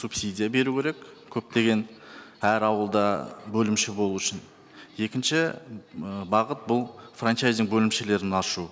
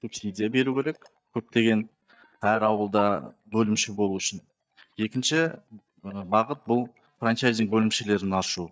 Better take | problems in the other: first | noise reduction (neural mask model DeepFilterNet 3)

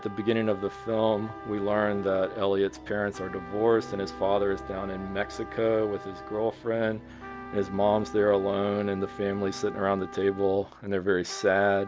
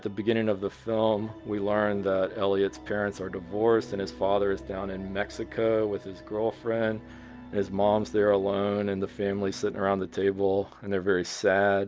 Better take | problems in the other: second | background sound (Trumpet); 16 dB below the speech

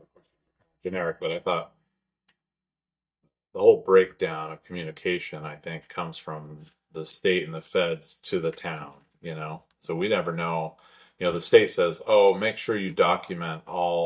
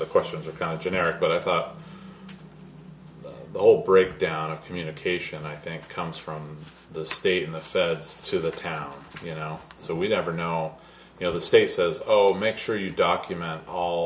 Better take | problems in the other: second | noise reduction (neural mask model DeepFilterNet 3)

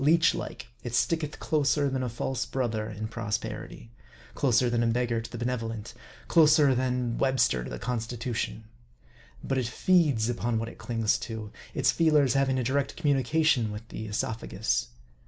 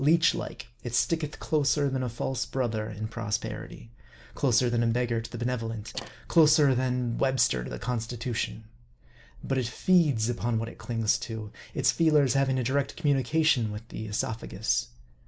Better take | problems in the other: first | noise reduction (neural mask model Resemble Enhance denoiser)

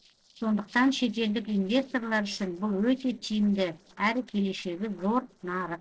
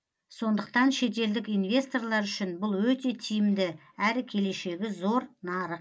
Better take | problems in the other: second | noise reduction (neural separator model SepFormer DNS4)

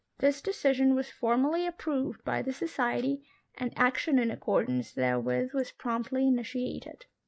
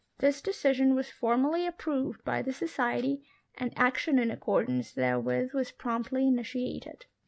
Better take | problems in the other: second | noise reduction (neural mask model Resemble Enhance denoiser)

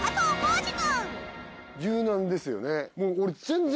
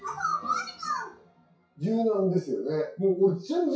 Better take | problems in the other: first | noise reduction (classical method WPE with log-MMSE)

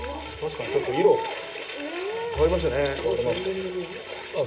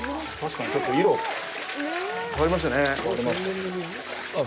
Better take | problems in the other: second | room echo; dies away in 0.9 s

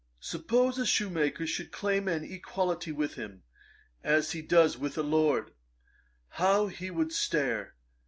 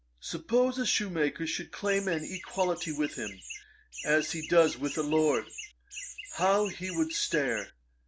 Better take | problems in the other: first | background sound (Chirp, tweet); 12 dB below the speech

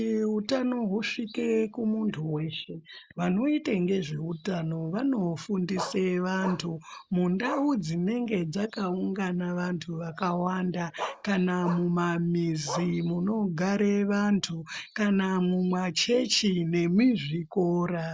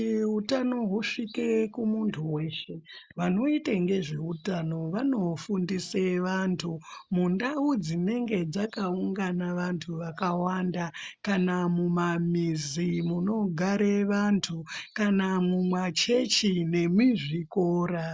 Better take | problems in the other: second | background sound (Bark); 13 dB below the speech

